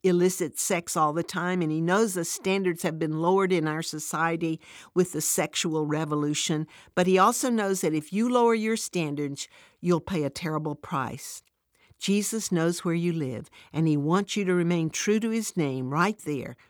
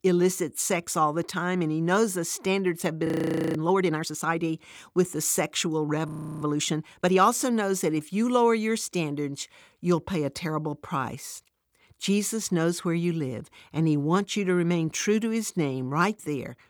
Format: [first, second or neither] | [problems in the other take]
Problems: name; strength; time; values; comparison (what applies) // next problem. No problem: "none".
first | audio freezing; at 3 s and at 6 s